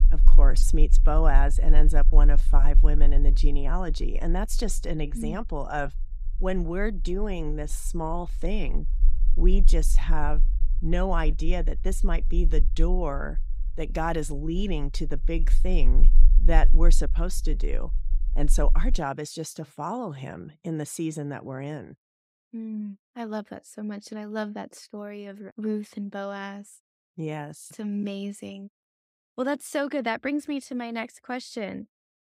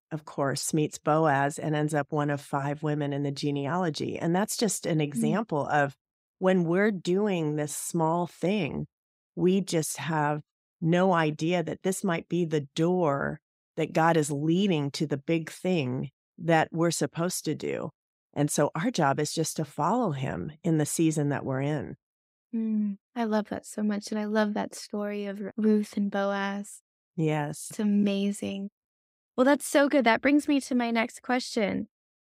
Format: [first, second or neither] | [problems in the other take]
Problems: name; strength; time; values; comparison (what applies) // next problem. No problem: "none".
second | low rumble; faint; until 19 s; 20 dB below the speech